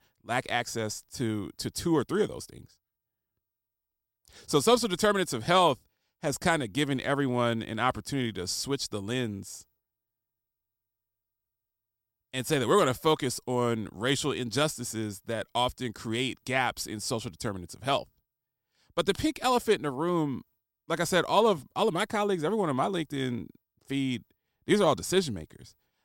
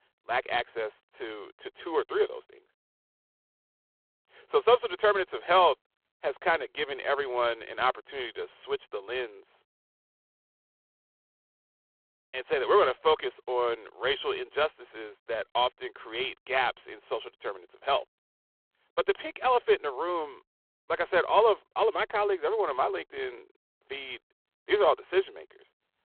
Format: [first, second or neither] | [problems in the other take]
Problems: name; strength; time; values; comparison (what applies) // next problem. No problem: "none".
first | phone-call audio; poor line